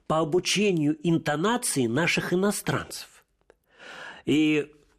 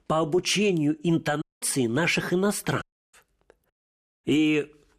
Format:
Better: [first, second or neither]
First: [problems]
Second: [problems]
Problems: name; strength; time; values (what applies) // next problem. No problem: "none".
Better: first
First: none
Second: audio cutting out; at 1.5 s, at 3 s and at 3.5 s for 0.5 s